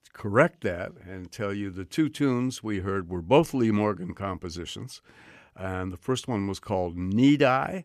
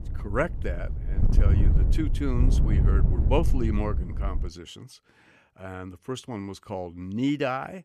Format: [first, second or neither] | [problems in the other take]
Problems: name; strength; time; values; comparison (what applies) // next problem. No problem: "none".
first | wind noise on the microphone; heavy; until 4.5 s; 8 dB below the speech